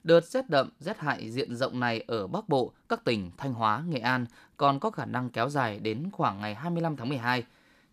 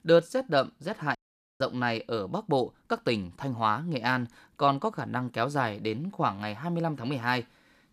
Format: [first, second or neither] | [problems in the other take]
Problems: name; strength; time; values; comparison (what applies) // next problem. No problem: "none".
first | audio cutting out; at 1 s